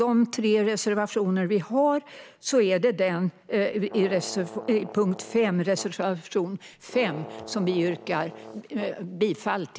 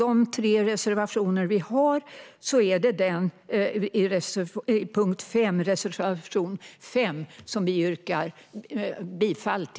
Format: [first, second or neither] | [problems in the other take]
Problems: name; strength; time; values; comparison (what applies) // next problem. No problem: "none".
second | background sound (Brass instrument); 16 dB below the speech